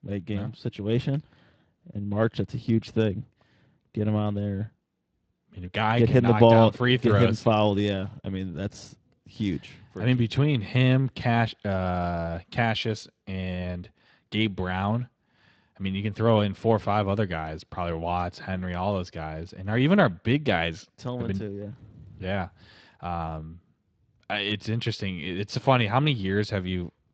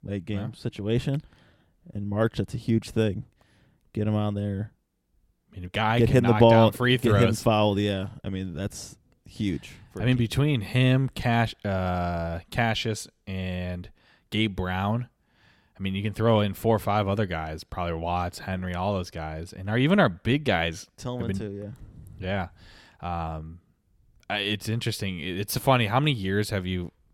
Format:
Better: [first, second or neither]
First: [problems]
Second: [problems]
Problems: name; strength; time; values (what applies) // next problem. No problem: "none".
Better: second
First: garbled, watery; slightly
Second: none